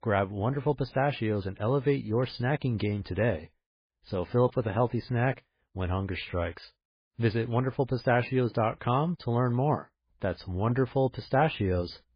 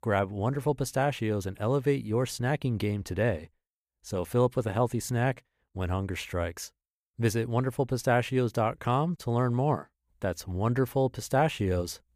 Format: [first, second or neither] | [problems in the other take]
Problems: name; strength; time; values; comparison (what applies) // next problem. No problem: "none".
second | garbled, watery; badly; nothing above 5 kHz